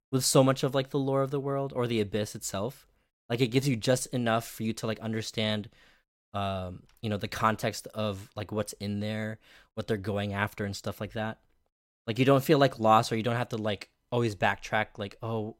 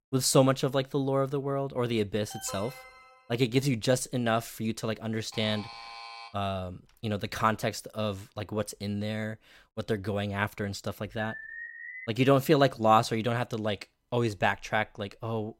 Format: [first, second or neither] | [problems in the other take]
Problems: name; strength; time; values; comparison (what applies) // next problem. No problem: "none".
first | alarm; faint; at 2.5 s, from 5.5 to 6.5 s and at 11 s; peak 10 dB below the speech